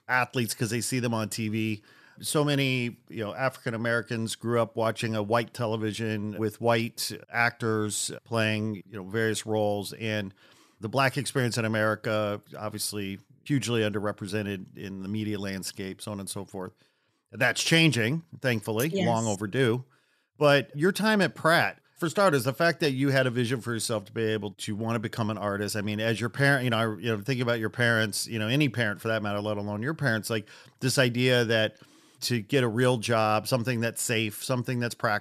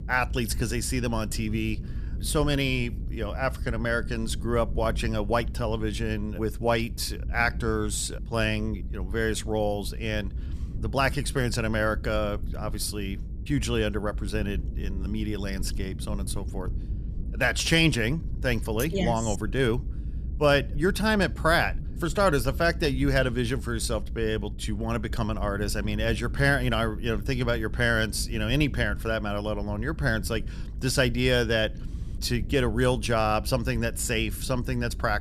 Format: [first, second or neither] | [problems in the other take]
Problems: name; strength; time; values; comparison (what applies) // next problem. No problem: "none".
first | low rumble; faint; throughout; 20 dB below the speech